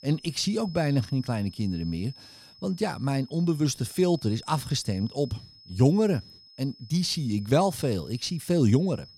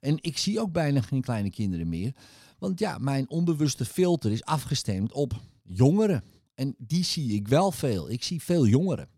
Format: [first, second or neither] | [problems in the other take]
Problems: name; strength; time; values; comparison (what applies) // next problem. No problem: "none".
second | high-pitched whine; faint; throughout; 5 kHz, 20 dB below the speech